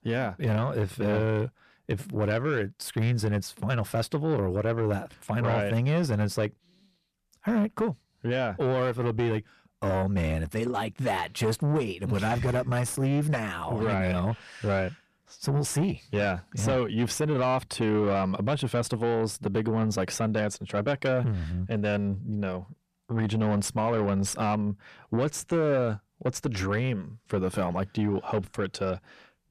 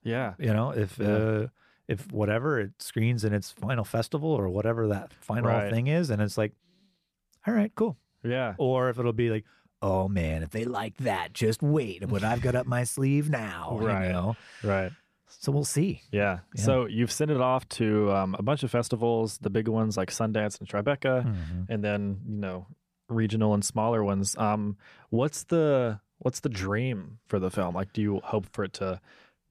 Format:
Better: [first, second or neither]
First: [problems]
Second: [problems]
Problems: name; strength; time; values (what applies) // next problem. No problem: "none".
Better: second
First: distortion; slight; 10 dB below the speech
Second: none